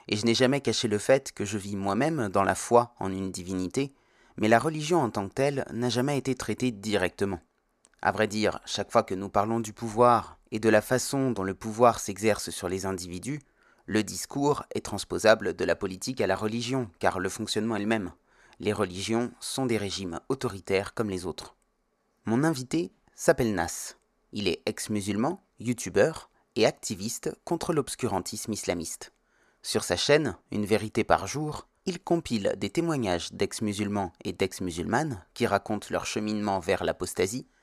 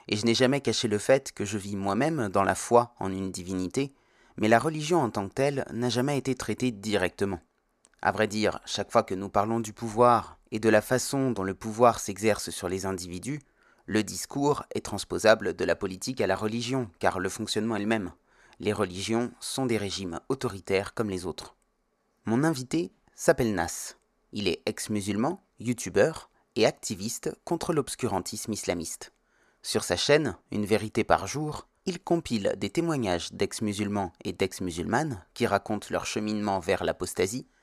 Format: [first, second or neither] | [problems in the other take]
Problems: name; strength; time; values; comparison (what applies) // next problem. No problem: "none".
neither | none